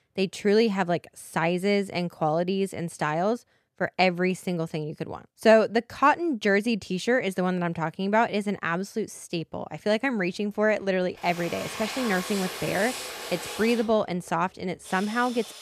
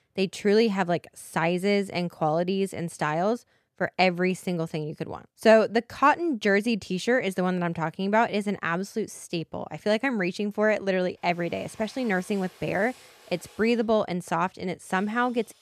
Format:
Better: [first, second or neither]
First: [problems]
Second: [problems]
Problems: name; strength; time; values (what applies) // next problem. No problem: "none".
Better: second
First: machinery noise; loud; from 10 s on; 9 dB below the speech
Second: machinery noise; faint; from 10 s on; 25 dB below the speech